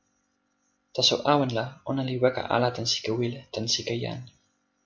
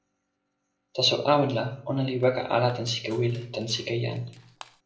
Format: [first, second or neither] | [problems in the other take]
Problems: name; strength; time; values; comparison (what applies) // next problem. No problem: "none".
first | noise reduction (neural separator model SepFormer DNS4)